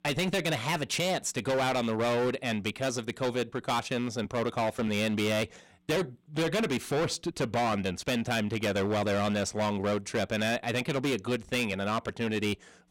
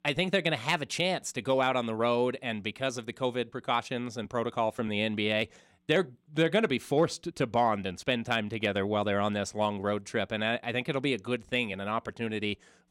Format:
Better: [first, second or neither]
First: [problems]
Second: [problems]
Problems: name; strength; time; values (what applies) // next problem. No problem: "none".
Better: second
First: distortion; heavy; 20% of the sound clipped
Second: none